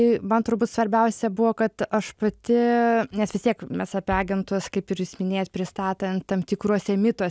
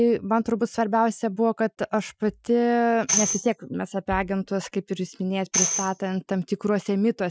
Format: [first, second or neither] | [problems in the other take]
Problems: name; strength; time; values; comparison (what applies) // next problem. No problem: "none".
first | noise reduction (classical method Wiener filter)